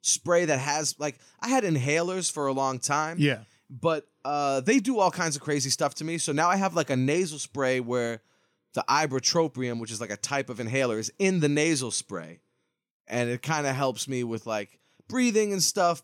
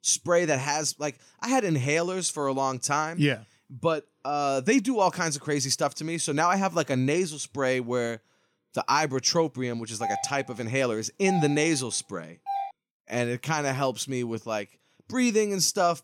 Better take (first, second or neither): first